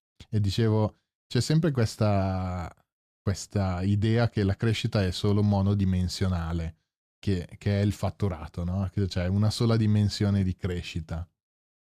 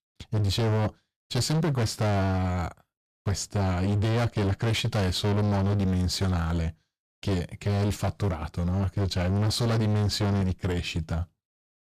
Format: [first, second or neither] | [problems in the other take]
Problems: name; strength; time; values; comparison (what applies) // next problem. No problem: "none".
first | distortion; heavy; 27% of the sound clipped